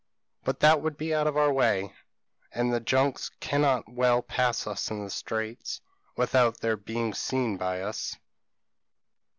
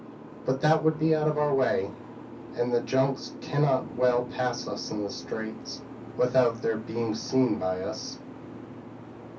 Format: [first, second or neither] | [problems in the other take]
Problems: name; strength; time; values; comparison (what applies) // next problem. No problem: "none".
first | background sound (Boat, Water vehicle); 13 dB below the speech // room echo; dies away in 0.3 s